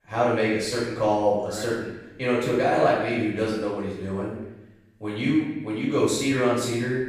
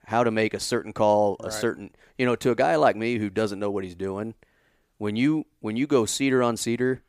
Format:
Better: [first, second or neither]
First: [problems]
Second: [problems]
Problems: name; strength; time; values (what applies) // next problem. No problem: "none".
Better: second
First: off-mic speech; far // room echo; noticeable; dies away in 0.9 s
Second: none